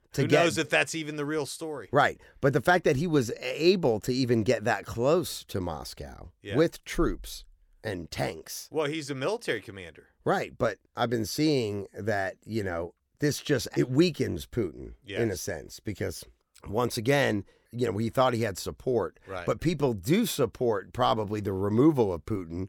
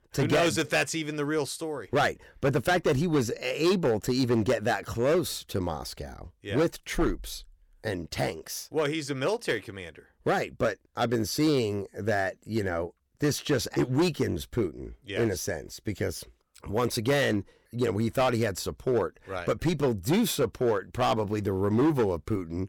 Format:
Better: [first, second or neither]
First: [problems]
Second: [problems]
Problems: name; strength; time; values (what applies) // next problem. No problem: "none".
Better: first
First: none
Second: distortion; slight; 6% of the sound clipped